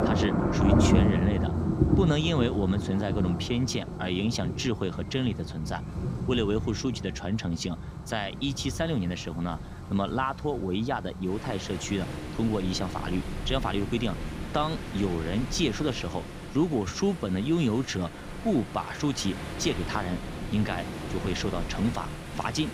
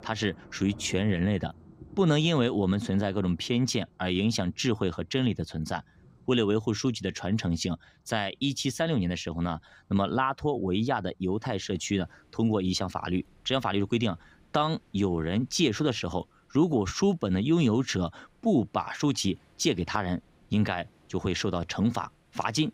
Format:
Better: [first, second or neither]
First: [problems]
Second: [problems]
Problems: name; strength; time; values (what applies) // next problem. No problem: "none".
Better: second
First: rain or running water; loud; throughout; 3 dB below the speech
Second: rain or running water; faint; throughout; 30 dB below the speech